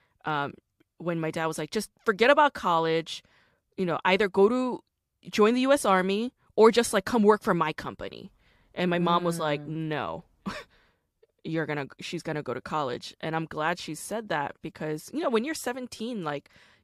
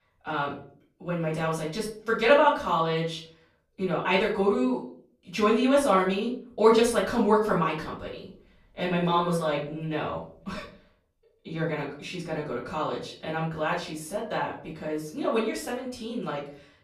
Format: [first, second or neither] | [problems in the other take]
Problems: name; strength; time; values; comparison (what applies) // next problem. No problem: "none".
first | off-mic speech; far // room echo; slight; dies away in 0.4 s